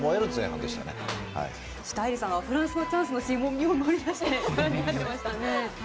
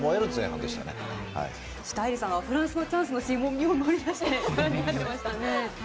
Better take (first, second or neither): second